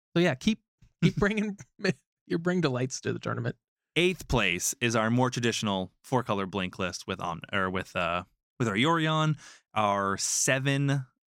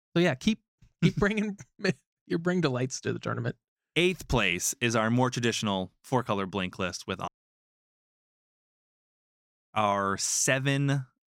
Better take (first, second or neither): first